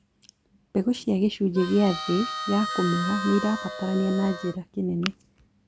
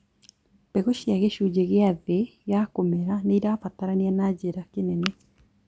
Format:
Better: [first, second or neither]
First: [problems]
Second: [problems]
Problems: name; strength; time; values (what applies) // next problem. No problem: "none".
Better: second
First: background sound (Harmonica); 7 dB below the speech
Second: none